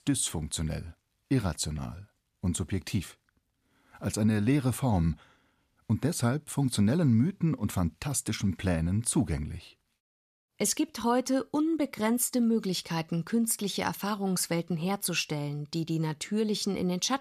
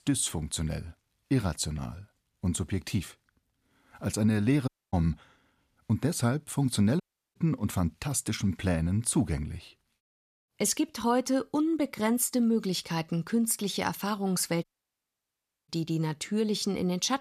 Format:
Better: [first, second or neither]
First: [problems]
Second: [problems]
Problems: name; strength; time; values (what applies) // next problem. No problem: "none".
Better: first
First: none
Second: audio cutting out; at 4.5 s, at 7 s and at 15 s for 1 s